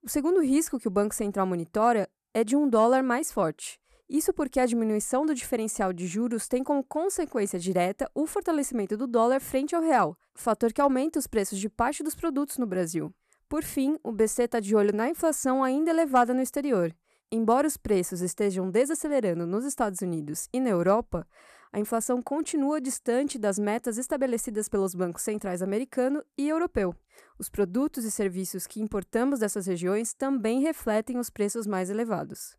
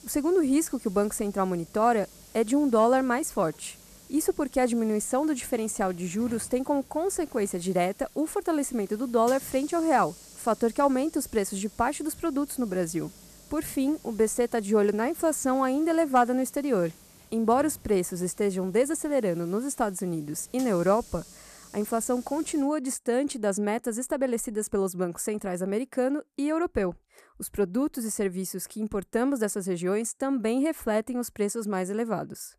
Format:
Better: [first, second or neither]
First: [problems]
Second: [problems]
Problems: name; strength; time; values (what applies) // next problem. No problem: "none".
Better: first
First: none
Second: hiss; faint; until 23 s; 20 dB below the speech